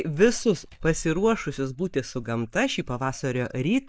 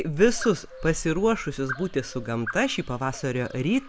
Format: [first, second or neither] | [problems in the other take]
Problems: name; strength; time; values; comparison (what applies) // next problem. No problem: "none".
second | noise reduction (neural mask model DeepFilterNet 3)